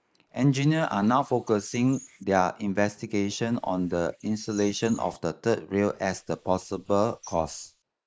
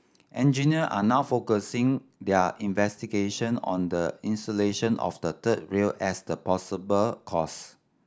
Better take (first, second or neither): second